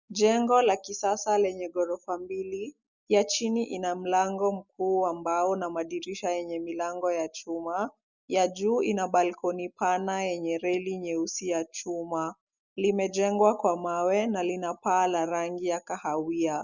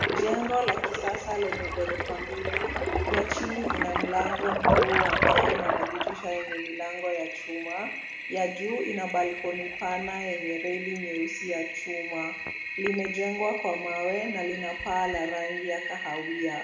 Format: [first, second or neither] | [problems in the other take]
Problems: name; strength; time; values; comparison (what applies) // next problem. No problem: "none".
first | background sound (Toilet flush); 1 dB above the speech // room echo; dies away in 0.9 s